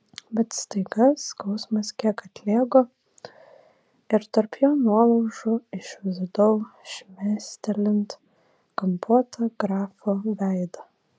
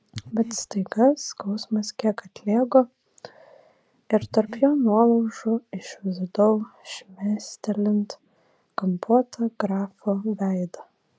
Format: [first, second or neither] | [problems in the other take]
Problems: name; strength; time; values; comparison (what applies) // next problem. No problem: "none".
first | background sound (Breathing); 15 dB below the speech